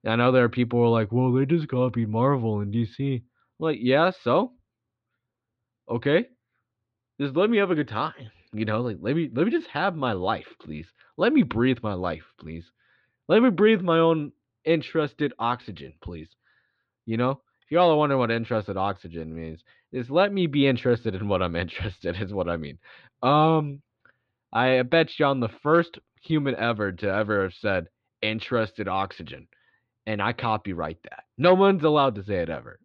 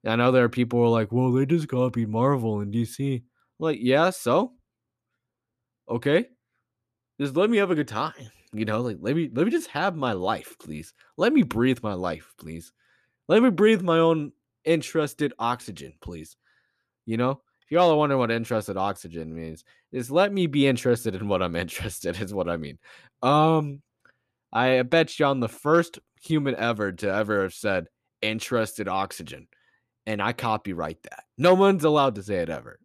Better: second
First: muffled; very slightly; fading above 4 kHz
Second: none

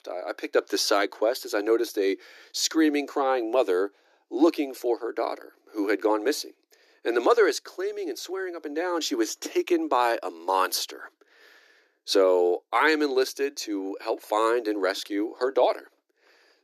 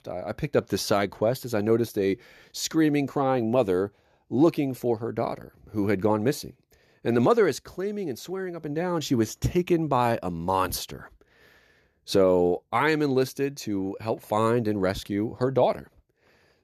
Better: second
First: thin; somewhat; fading below 300 Hz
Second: none

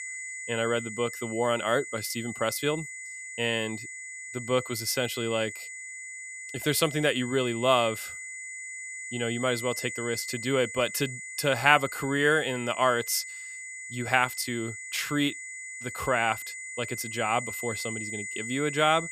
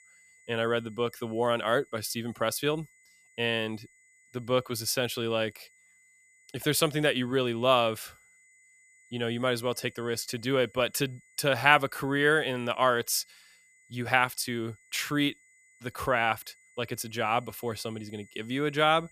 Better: second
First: high-pitched whine; loud; throughout; 2 kHz, 9 dB below the speech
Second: high-pitched whine; faint; throughout; 2 kHz, 30 dB below the speech

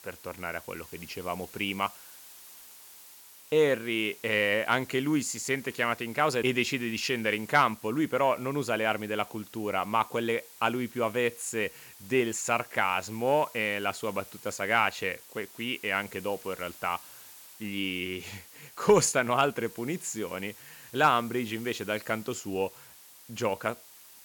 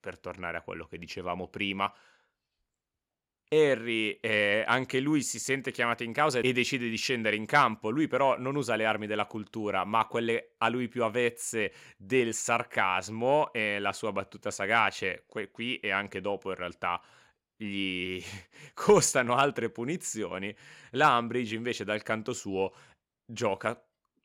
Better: second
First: hiss; noticeable; throughout; 20 dB below the speech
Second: none

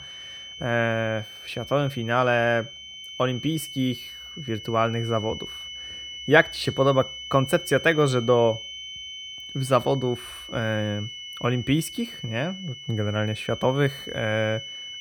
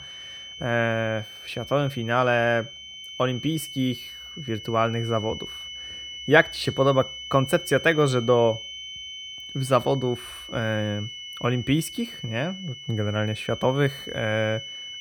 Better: neither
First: high-pitched whine; noticeable; throughout; 3 kHz, 10 dB below the speech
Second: high-pitched whine; noticeable; throughout; 3 kHz, 10 dB below the speech

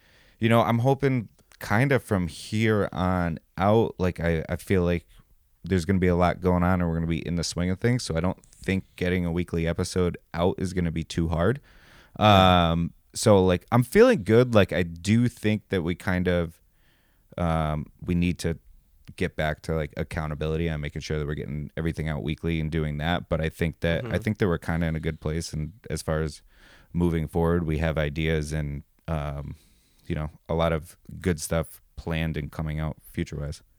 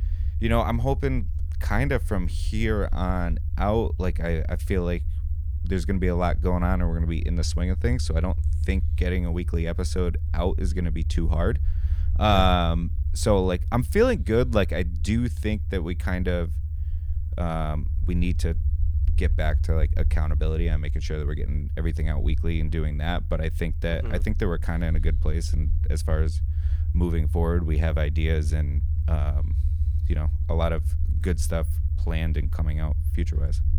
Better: first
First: none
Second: low rumble; noticeable; throughout; 15 dB below the speech

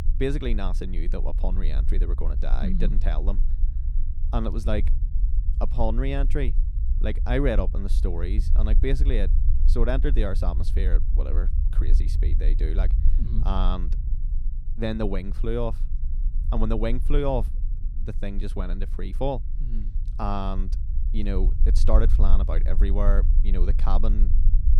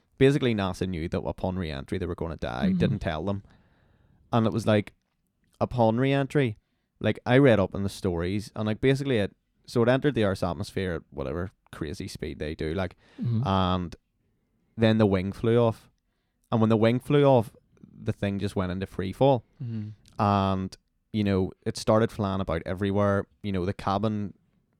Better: second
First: low rumble; noticeable; throughout; 15 dB below the speech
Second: none

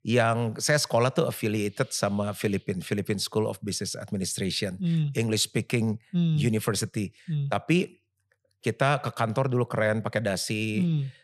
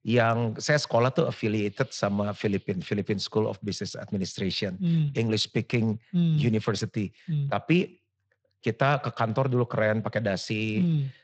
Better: first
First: none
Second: garbled, watery; slightly; nothing above 7.5 kHz

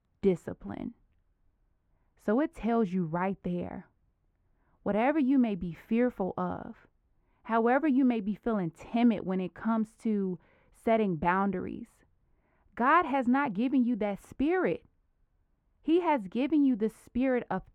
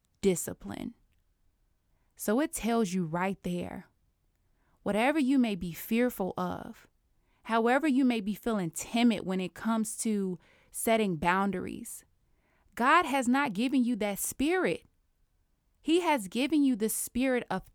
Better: second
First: muffled; very; fading above 4 kHz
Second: none

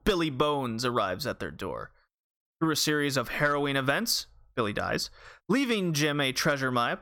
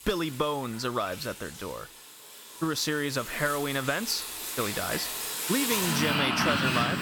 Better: first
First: none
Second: household noises; very loud; throughout; 1 dB above the speech

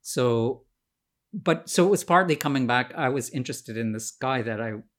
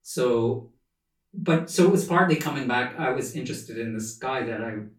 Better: first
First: none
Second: off-mic speech; far // room echo; slight; dies away in 0.2 s

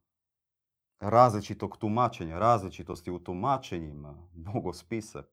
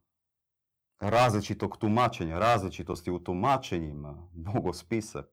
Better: first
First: none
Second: distortion; heavy; 3% of the sound clipped

